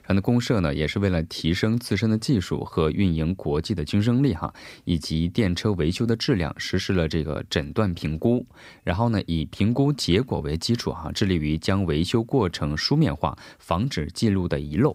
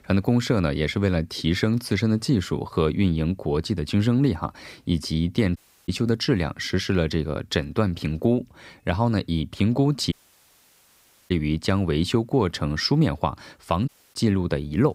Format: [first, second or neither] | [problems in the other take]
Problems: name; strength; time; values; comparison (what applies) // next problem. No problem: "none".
first | audio cutting out; at 5.5 s, at 10 s for 1 s and at 14 s